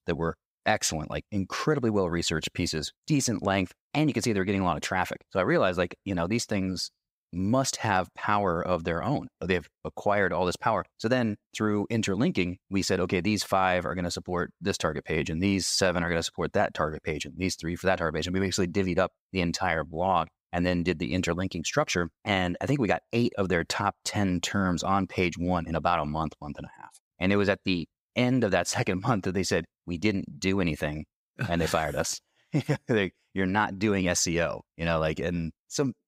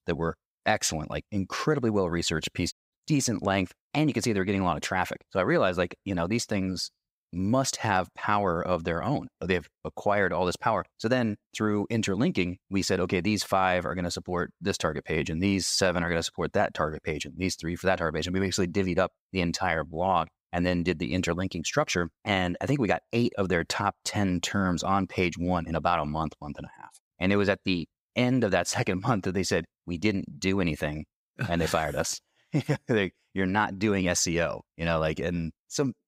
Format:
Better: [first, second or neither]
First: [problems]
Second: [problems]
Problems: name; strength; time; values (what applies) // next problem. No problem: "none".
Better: first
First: none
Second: audio cutting out; at 2.5 s